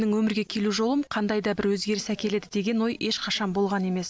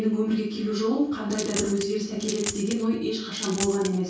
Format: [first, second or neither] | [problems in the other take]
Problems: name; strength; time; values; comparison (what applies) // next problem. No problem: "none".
first | background sound (Coin (dropping)); 9 dB below the speech // room echo; dies away in 0.6 s